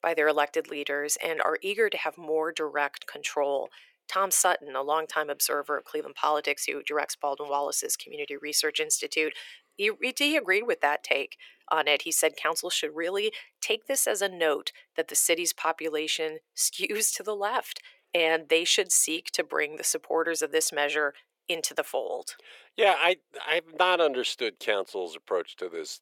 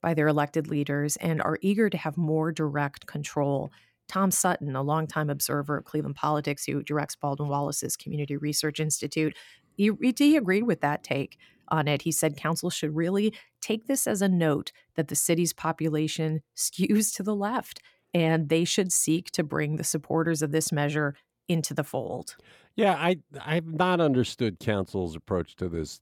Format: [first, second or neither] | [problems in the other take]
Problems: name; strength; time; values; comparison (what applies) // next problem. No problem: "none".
second | thin; very; fading below 450 Hz